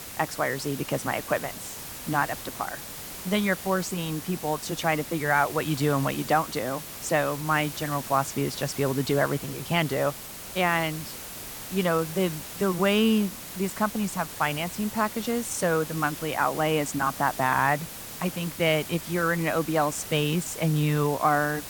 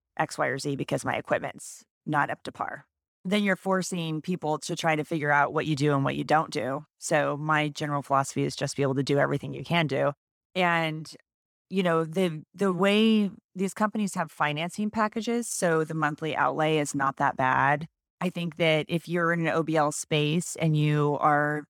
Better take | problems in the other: second | hiss; loud; throughout; 10 dB below the speech

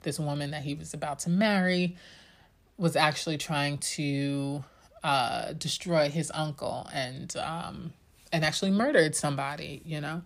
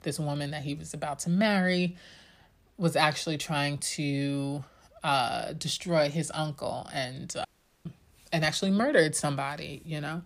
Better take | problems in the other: first | audio cutting out; at 7.5 s

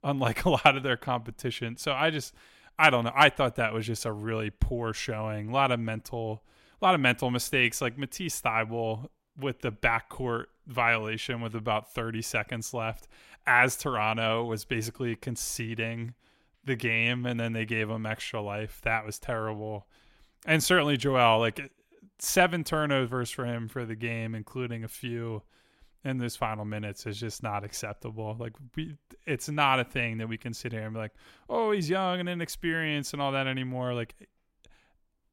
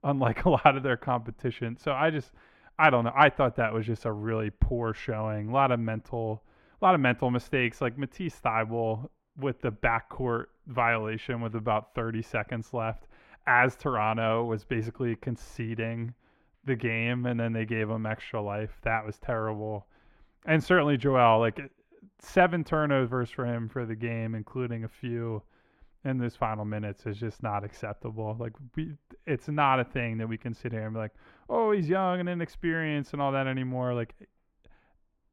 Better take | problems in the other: first | muffled; very; fading above 3.5 kHz

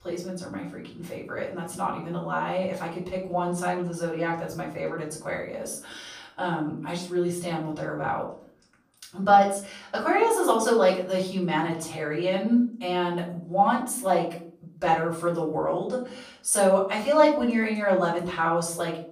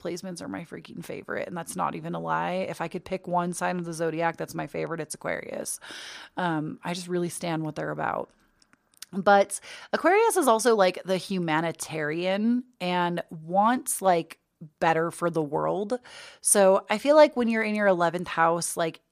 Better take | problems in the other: second | off-mic speech; far // room echo; slight; dies away in 0.4 s

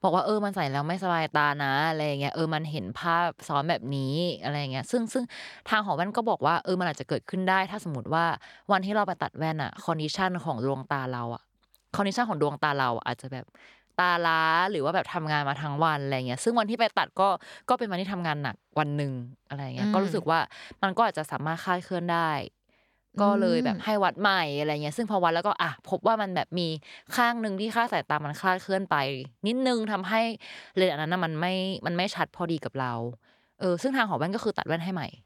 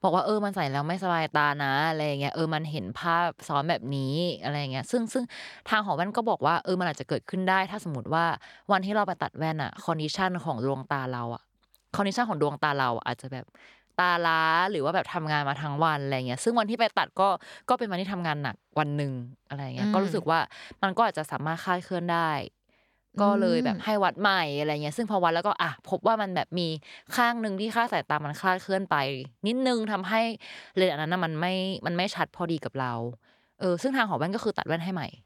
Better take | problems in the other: neither | none

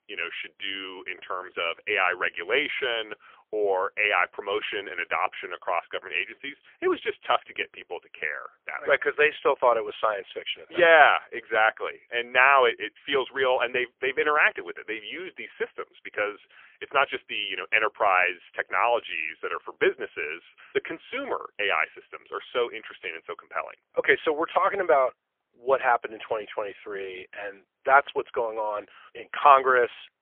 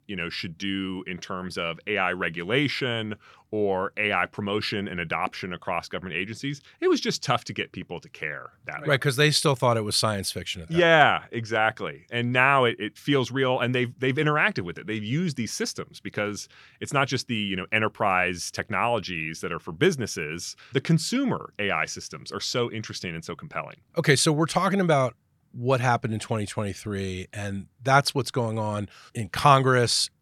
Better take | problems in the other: second | phone-call audio; poor line; nothing above 3 kHz

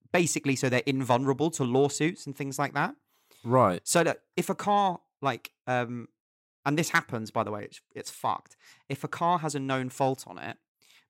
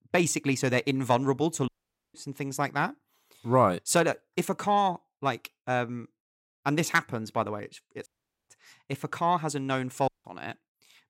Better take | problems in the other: first | audio cutting out; at 1.5 s, at 8 s and at 10 s

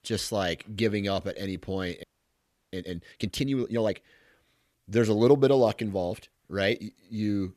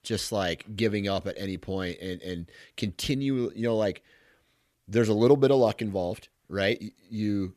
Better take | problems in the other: second | audio freezing; at 2 s for 0.5 s

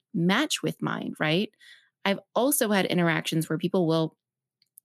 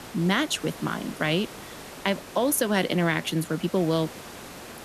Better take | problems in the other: first | hiss; noticeable; throughout; 15 dB below the speech

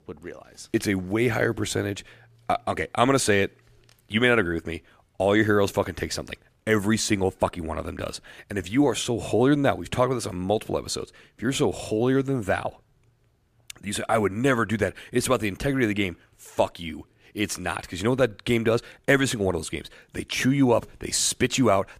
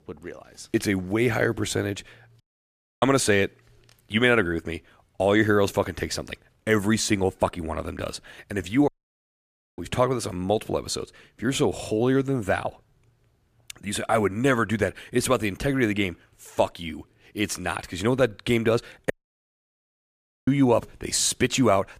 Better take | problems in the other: first | audio cutting out; at 2.5 s for 0.5 s, at 9 s for 1 s and at 19 s for 1.5 s

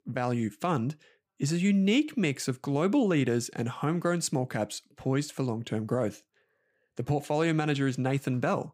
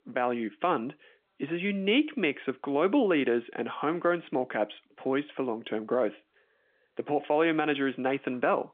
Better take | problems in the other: first | phone-call audio; nothing above 3.5 kHz

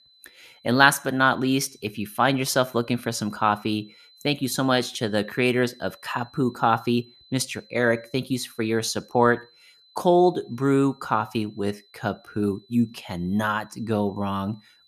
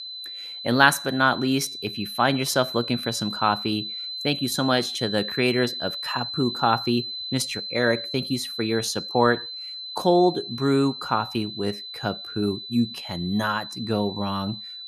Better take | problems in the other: first | high-pitched whine; loud; throughout; 4 kHz, 7 dB below the speech; faint in the first

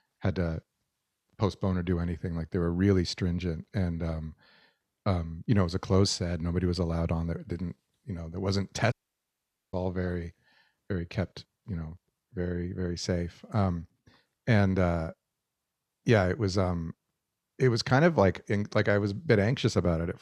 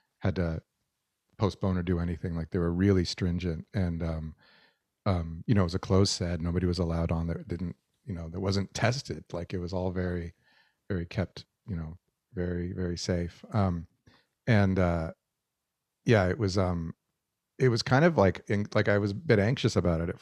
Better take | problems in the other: second | audio cutting out; at 9 s for 1 s

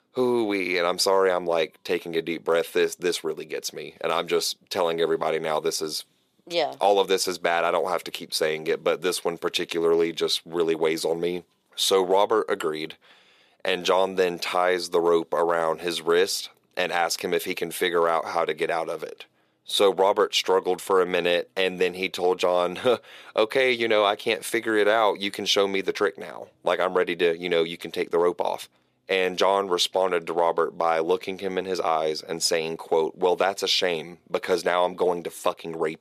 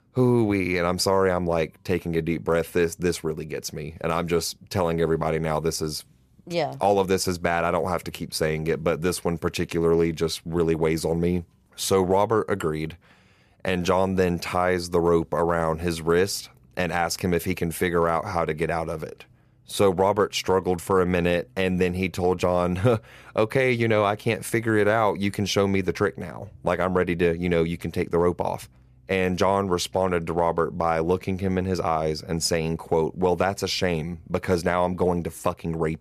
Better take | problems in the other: second | thin; somewhat; fading below 400 Hz

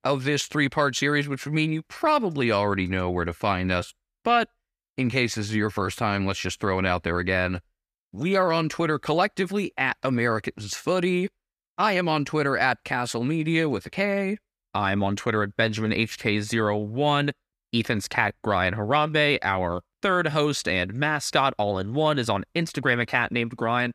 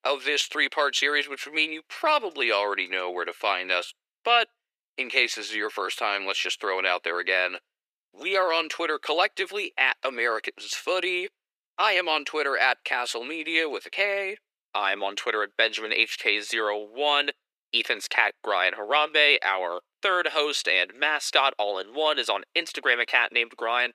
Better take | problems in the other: first | thin; very; fading below 400 Hz

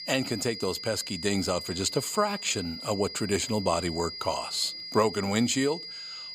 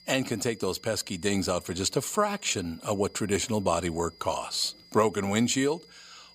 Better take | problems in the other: second | high-pitched whine; loud; throughout; 5 kHz, 8 dB below the speech; faint in the second

